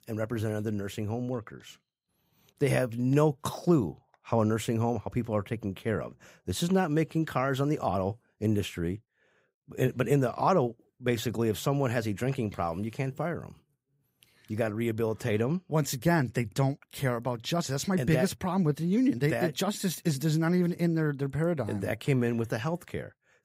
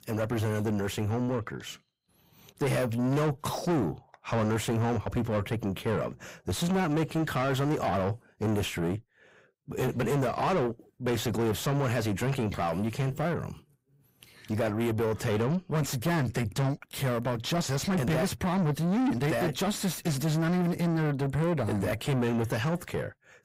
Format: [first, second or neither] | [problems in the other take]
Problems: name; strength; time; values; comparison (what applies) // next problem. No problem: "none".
first | distortion; heavy; 5 dB below the speech